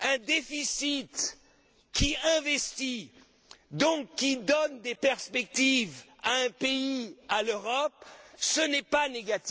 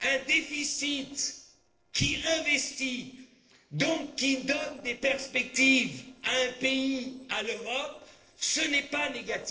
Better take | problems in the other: first | noise reduction (neural separator model SepFormer DNS4)

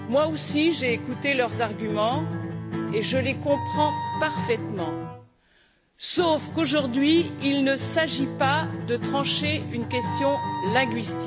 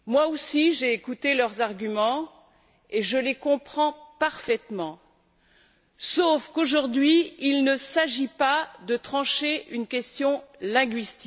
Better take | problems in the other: second | background sound (Acoustic guitar + Wind instrument, woodwind instrument); 5 dB below the speech

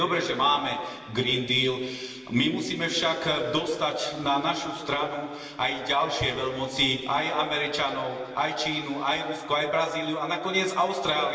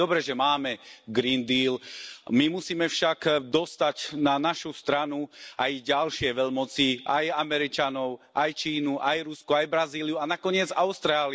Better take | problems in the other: second | room echo; dies away in 2.5 s

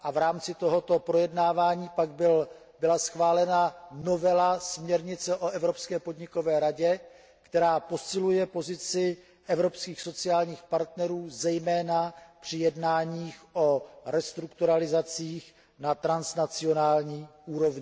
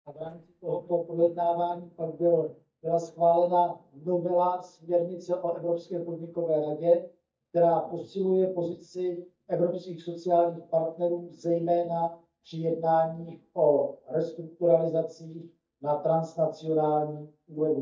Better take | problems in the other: first | noise reduction (neural mask model DeepFilterNet 3)

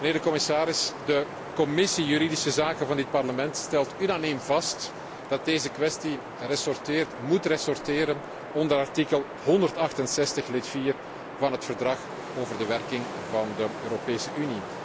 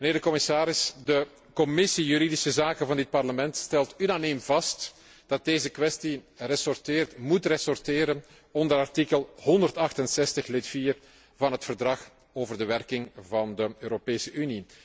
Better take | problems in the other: second | background sound (Wind); 10 dB below the speech

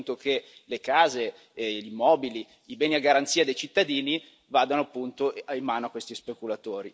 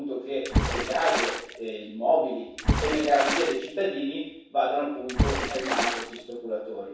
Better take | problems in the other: first | background sound (Water / Splash, splatter); 1 dB below the speech // room echo; dies away in 0.7 s

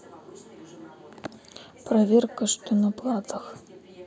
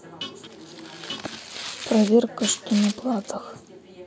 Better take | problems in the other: first | background sound (Tearing + Guitar); 12 dB below the speech

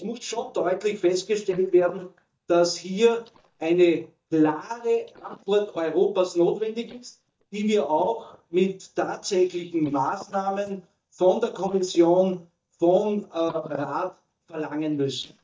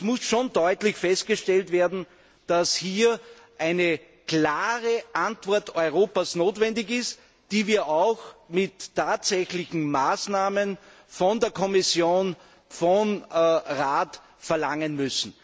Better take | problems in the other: second | noise reduction (neural mask model DeepFilterNet 3)

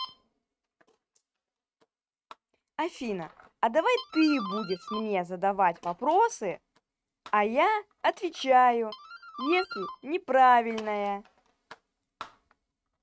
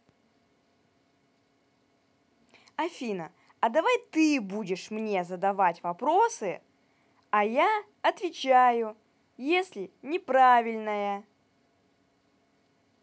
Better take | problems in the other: second | noise reduction (neural mask model RNNoise)

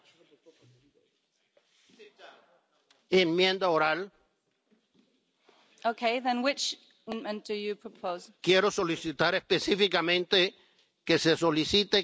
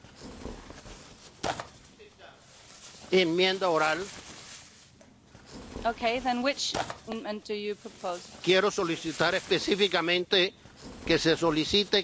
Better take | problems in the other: first | background sound (Tearing); 14 dB below the speech

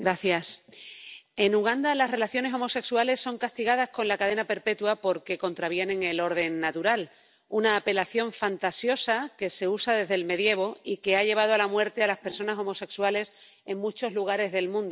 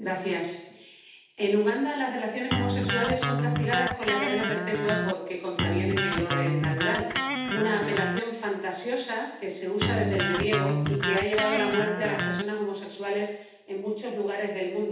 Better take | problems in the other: first | background sound (Electric guitar); 1 dB above the speech // room echo; dies away in 0.8 s

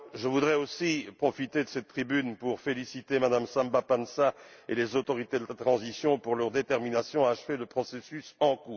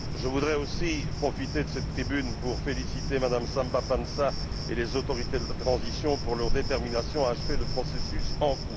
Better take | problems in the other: first | background sound (Cricket); as loud as the speech

